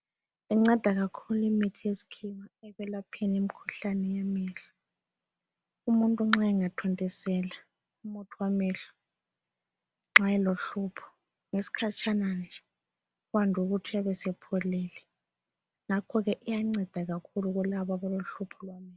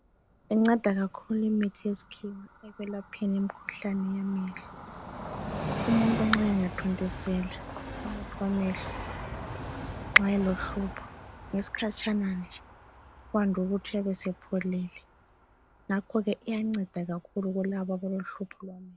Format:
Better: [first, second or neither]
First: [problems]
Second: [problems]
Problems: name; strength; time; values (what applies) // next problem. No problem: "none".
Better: first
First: none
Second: background sound (Train); 10 dB below the speech